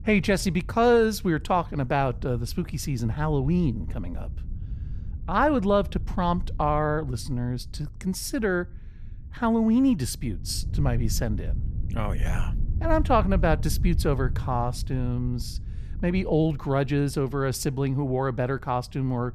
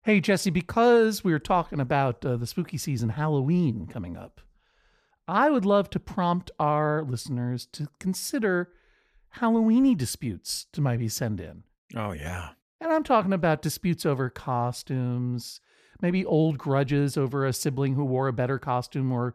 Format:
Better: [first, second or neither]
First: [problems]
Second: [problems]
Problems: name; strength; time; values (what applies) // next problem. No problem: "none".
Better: second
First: wind noise on the microphone; occasional gusts; 25 dB below the speech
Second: none